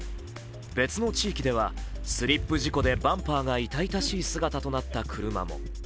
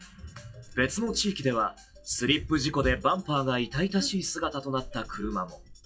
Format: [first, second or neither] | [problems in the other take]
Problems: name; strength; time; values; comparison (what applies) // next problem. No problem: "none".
first | noise reduction (classical method WPE with log-MMSE)